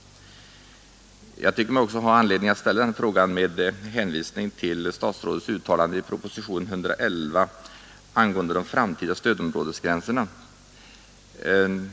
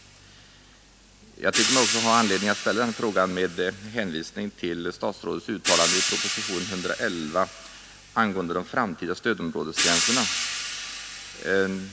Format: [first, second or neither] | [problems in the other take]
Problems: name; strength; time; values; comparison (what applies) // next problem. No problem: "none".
first | background sound (Hi-hat); 3 dB below the speech